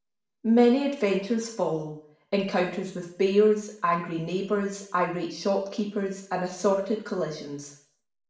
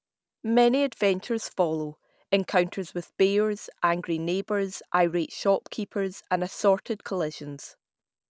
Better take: second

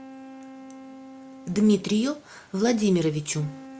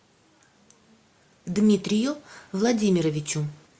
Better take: second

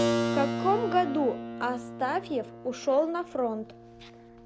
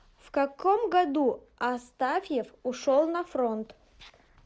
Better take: second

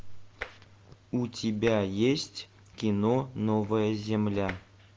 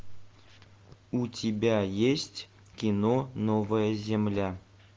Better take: second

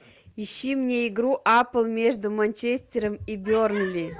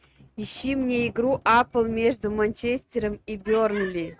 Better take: first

